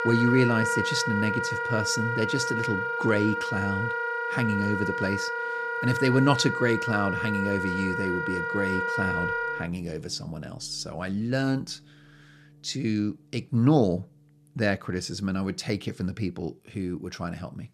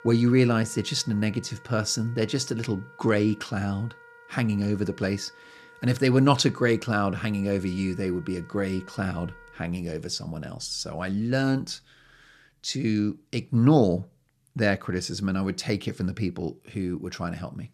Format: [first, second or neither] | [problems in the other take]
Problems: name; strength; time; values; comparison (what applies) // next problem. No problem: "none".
second | background music; loud; throughout; 1 dB below the speech; faint in the second